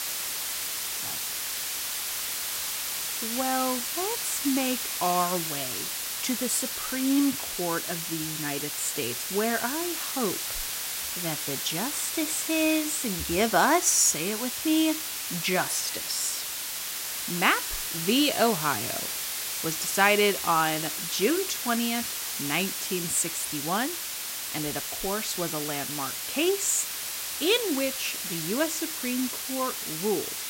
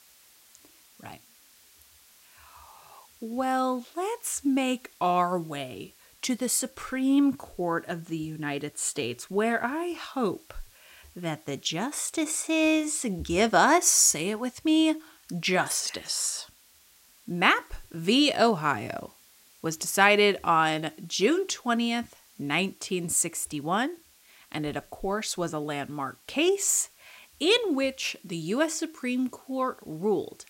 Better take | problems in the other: second | hiss; loud; throughout; 2 dB below the speech; faint in the second

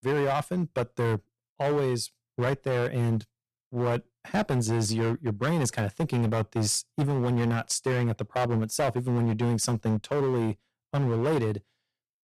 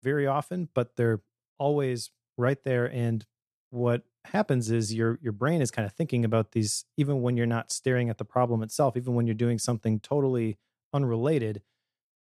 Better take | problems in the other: second | distortion; heavy; 15% of the sound clipped

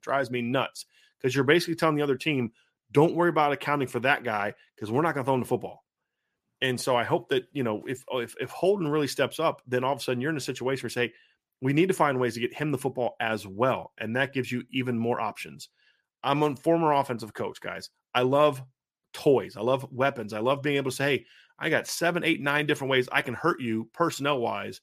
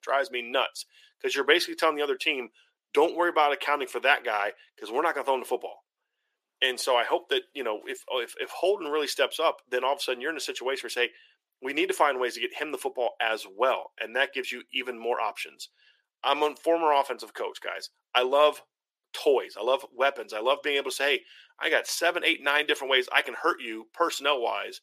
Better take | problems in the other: first | thin; very; fading below 400 Hz

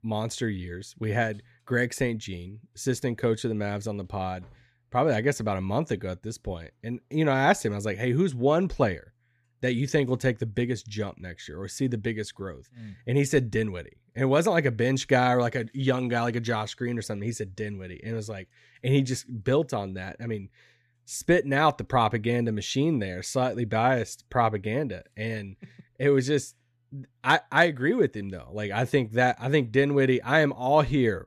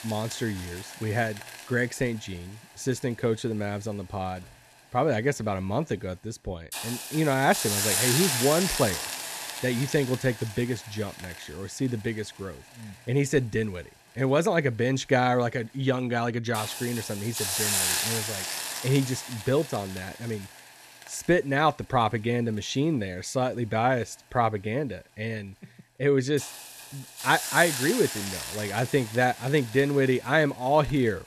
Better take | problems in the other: first | hiss; loud; throughout; 4 dB below the speech

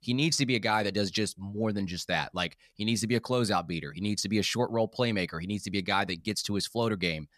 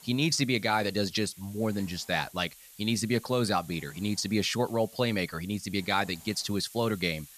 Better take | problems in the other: first | hiss; noticeable; throughout; 20 dB below the speech

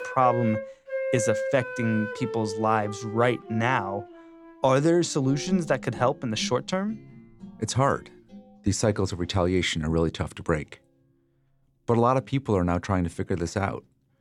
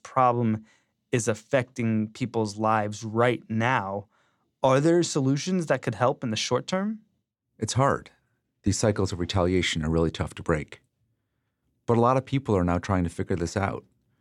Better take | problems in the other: second | background music; loud; throughout; 8 dB below the speech

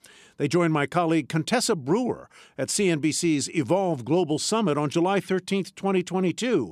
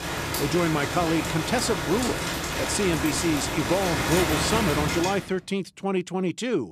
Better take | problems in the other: first | rain or running water; loud; until 5 s; 1 dB below the speech

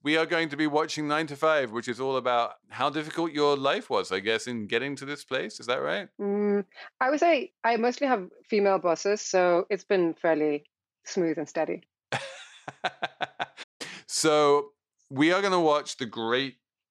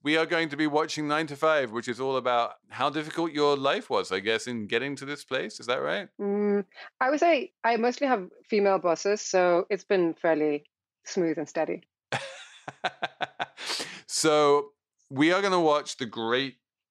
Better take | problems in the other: second | audio cutting out; at 14 s

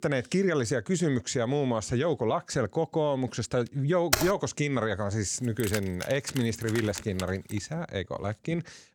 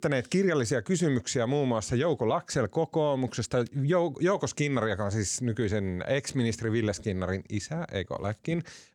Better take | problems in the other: second | keyboard typing; loud; at 4 s; peak 2 dB above the speech // jangling keys; noticeable; from 5.5 to 7.5 s; peak 7 dB below the speech

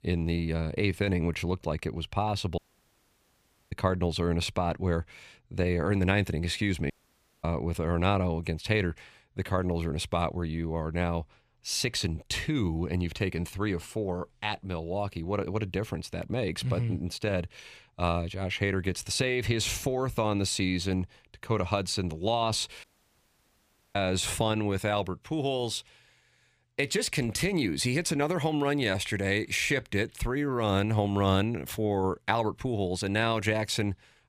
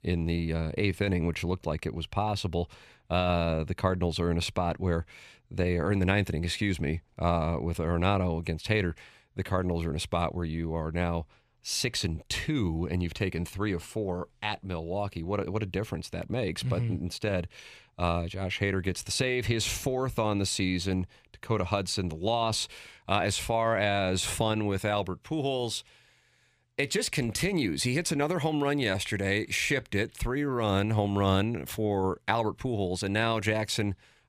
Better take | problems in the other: second | audio cutting out; at 2.5 s for 1 s, at 7 s for 0.5 s and at 23 s for 1 s

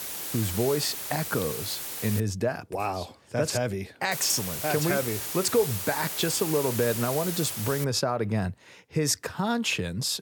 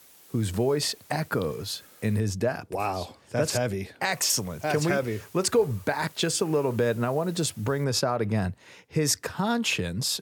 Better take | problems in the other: second | hiss; loud; until 2 s and from 4 to 8 s; 4 dB below the speech; faint in the second

